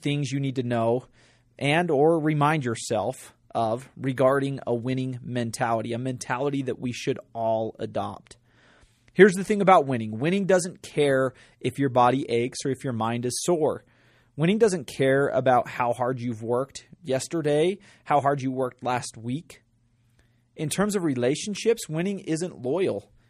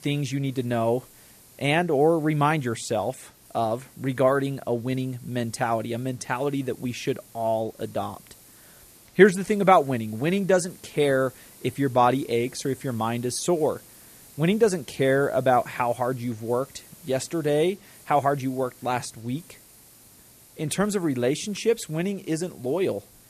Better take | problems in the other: first | hiss; faint; throughout; 25 dB below the speech

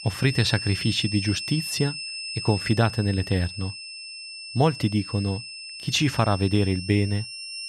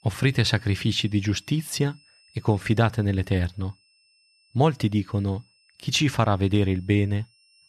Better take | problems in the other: second | high-pitched whine; loud; throughout; 5.5 kHz, 8 dB below the speech; faint in the second

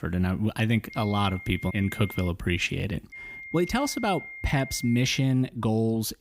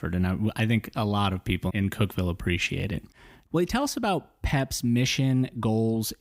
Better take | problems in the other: second | high-pitched whine; noticeable; from 1 to 2.5 s and from 3 to 5 s; 2 kHz, 15 dB below the speech

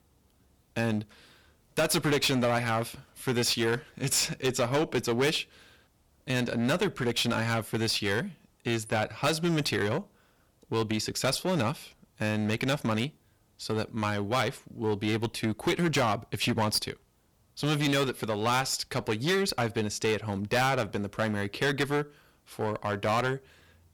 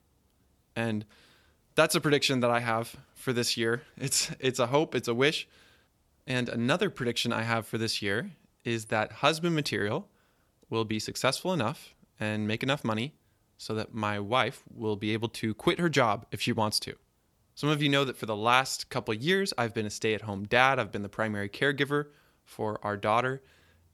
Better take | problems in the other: second | distortion; heavy; 8% of the sound clipped

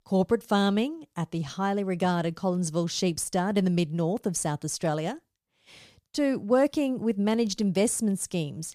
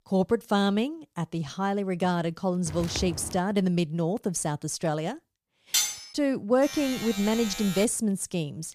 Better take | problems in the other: first | footsteps; noticeable; at 2.5 s; peak 8 dB below the speech // clattering dishes; loud; at 5.5 s; peak 3 dB above the speech // alarm; noticeable; from 6.5 to 8 s; peak 7 dB below the speech

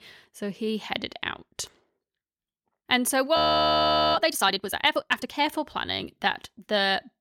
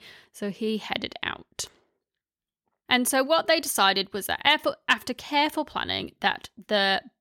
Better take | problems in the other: second | audio freezing; at 3.5 s for 1 s

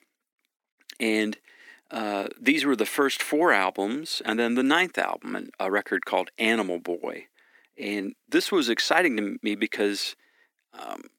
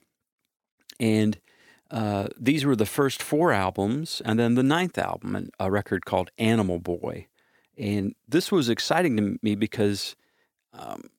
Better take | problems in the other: second | thin; very slightly; fading below 250 Hz

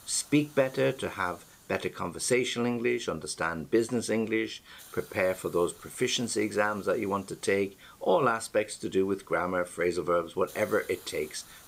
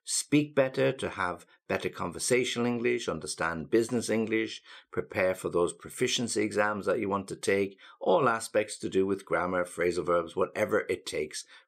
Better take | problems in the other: second | hiss; faint; throughout; 25 dB below the speech

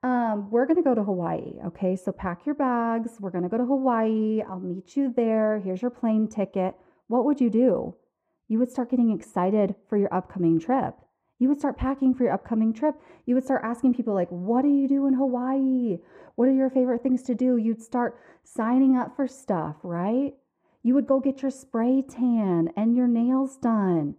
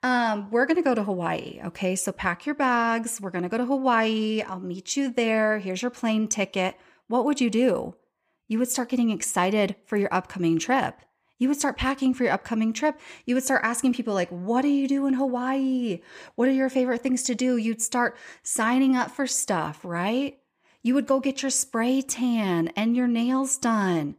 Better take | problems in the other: second | muffled; very; fading above 1.5 kHz

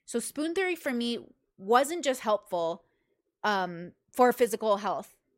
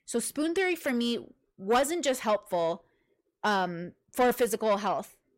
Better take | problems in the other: first | distortion; slight; 10 dB below the speech

